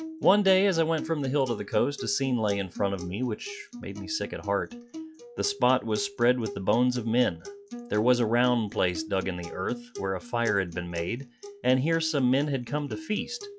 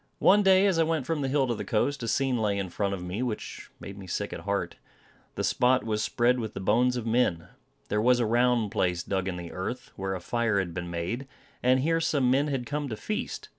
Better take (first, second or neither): second